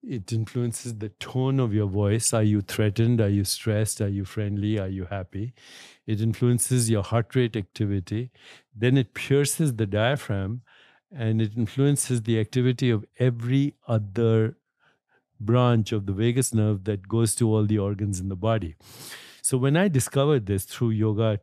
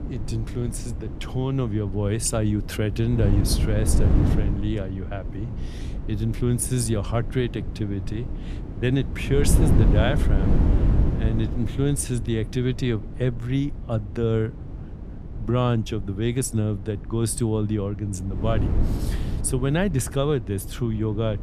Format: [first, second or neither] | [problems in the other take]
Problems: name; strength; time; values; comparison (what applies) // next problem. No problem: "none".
first | wind noise on the microphone; heavy; 8 dB below the speech